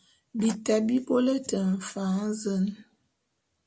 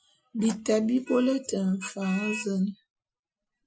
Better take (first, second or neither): first